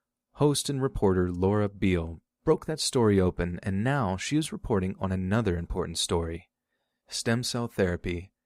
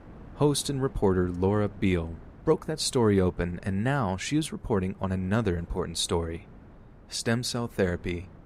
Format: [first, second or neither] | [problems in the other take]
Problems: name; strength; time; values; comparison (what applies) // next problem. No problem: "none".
first | wind noise on the microphone; occasional gusts; 25 dB below the speech